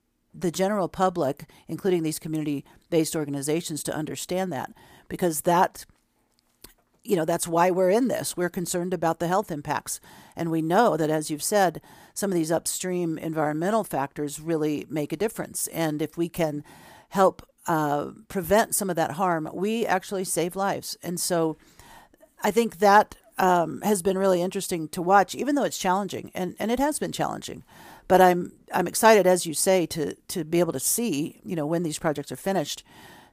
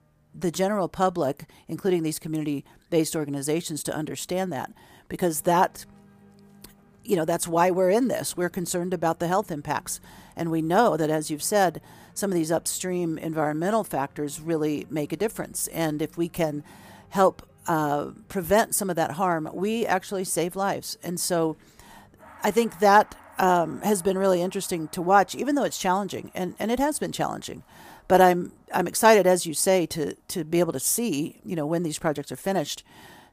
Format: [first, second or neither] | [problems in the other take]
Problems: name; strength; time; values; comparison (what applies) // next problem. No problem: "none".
first | background music; faint; throughout; 30 dB below the speech